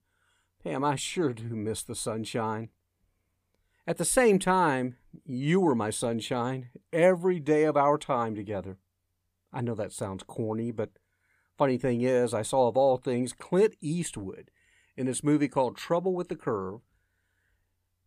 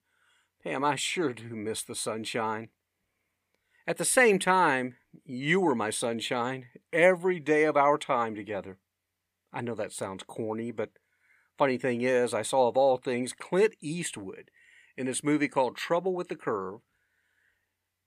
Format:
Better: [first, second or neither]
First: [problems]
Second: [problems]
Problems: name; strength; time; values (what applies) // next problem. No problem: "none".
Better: first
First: none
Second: thin; very slightly; fading below 550 Hz